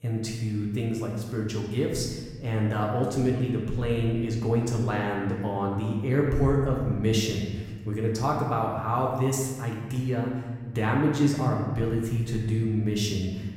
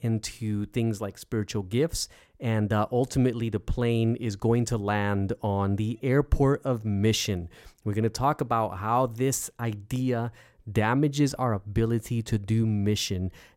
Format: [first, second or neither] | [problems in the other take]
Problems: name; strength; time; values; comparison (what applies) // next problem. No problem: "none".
second | room echo; noticeable; dies away in 1.3 s // off-mic speech; far